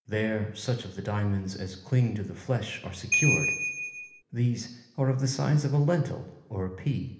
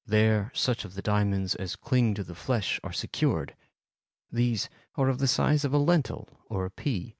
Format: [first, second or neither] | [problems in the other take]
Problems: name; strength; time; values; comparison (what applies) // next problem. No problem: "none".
second | background sound (Ringtone / Bell); as loud as the speech // room echo; dies away in 1 s